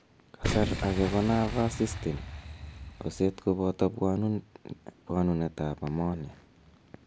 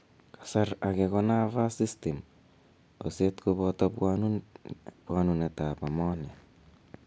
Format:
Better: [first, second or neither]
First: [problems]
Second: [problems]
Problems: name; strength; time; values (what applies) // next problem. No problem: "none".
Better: second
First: background sound (Boom); 8 dB below the speech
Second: none